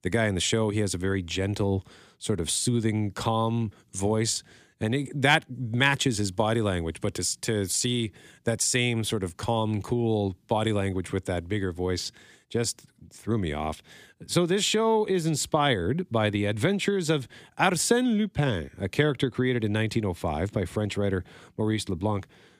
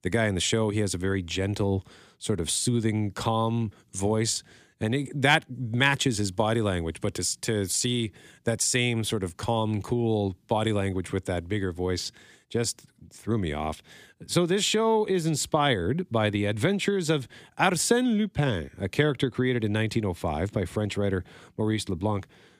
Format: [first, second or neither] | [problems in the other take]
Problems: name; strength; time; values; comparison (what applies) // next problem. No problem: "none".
neither | none